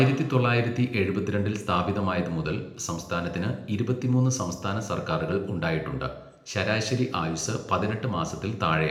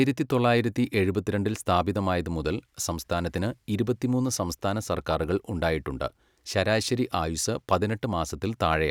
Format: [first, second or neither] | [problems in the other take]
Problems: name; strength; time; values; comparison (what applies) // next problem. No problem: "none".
second | room echo; dies away in 0.7 s